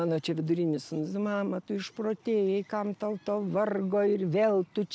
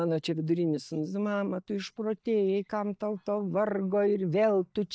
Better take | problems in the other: first | noise reduction (neural mask model DeepFilterNet 3)

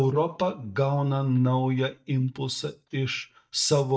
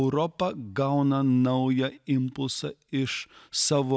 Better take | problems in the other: second | noise reduction (neural mask model DeepFilterNet 3)

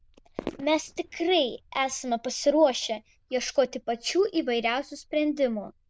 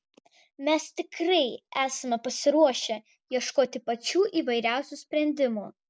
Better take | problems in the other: second | noise reduction (neural diffusion model UNIVERSE++)

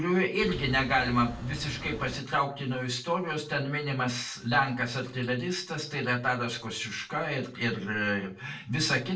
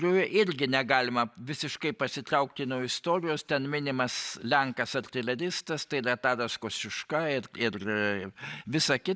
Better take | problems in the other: second | background sound (Wind); 11 dB below the speech // room echo; dies away in 0.3 s

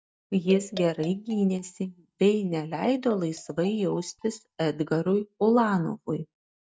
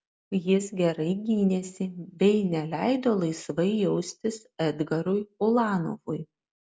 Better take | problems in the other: second | noise reduction (neural mask model DeepFilterNet 3)

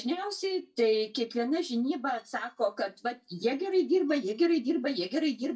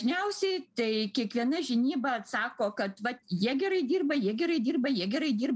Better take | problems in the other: second | noise reduction (neural mask model DeepFilterNet 3)

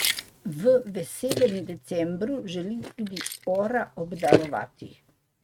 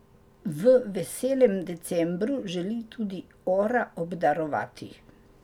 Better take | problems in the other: second | noise reduction (neural mask model RNNoise)

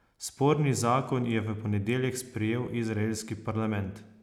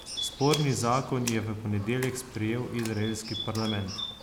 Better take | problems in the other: first | background sound (Bird + Splash, splatter); 9 dB below the speech

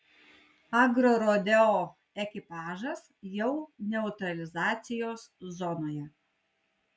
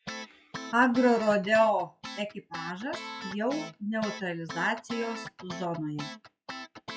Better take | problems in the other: first | noise reduction (classical method log-MMSE)

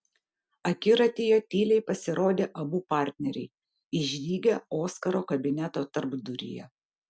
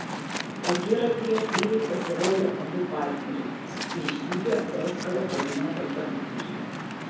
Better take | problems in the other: first | background sound (Waves, surf); 4 dB below the speech // room echo; dies away in 0.7 s

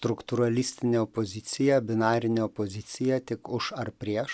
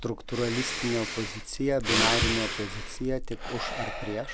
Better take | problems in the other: first | background sound (Breathing); as loud as the speech

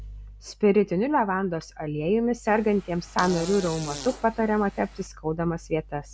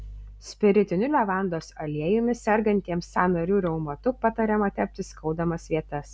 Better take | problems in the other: second | background sound (Fart); 14 dB below the speech

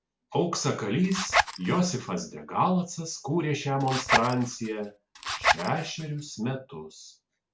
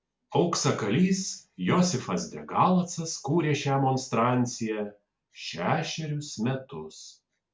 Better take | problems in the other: second | background sound (Zipper (clothing)); as loud as the speech

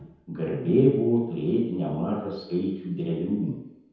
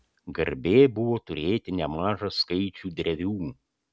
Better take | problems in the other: second | room echo; dies away in 0.9 s

